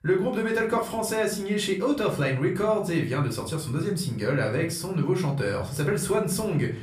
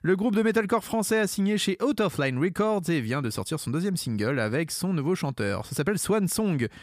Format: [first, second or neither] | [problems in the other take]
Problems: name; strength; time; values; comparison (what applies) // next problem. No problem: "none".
second | room echo; slight; dies away in 0.4 s // off-mic speech; somewhat distant